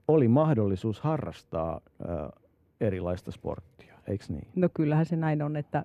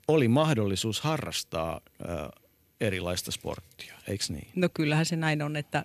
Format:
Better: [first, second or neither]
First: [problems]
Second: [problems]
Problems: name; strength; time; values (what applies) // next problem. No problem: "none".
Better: second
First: muffled; very; fading above 2 kHz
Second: none